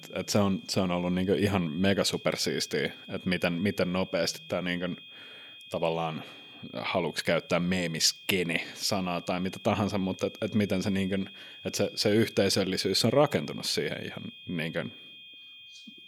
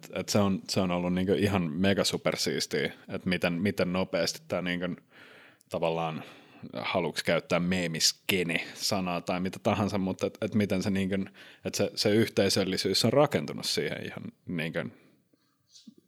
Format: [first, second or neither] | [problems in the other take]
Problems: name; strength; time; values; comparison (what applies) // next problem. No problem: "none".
second | high-pitched whine; noticeable; throughout; 3.5 kHz, 15 dB below the speech